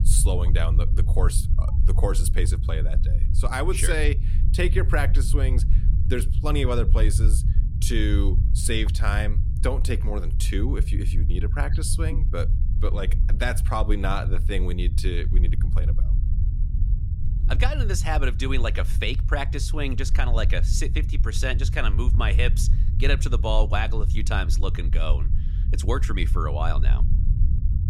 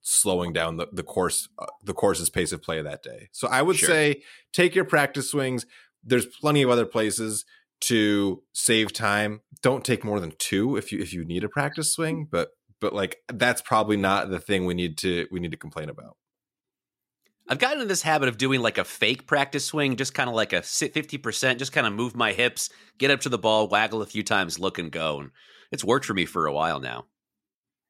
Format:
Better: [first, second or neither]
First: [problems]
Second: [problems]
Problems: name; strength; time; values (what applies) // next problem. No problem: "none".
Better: second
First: low rumble; noticeable; throughout; 10 dB below the speech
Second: none